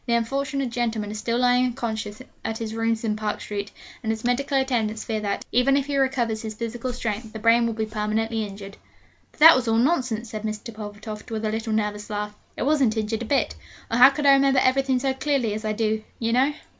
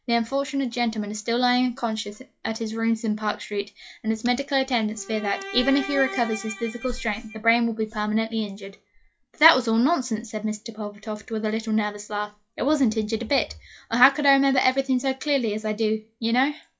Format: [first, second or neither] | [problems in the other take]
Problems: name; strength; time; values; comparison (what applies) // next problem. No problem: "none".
first | noise reduction (classical method log-MMSE)